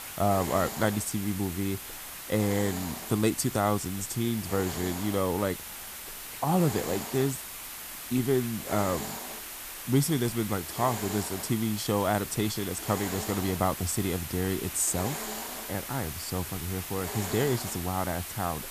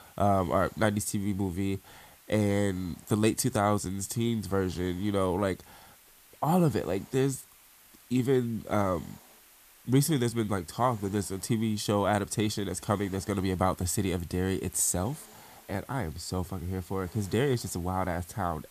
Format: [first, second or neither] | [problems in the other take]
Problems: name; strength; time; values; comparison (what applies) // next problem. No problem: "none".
second | hiss; loud; throughout; 7 dB below the speech; faint in the second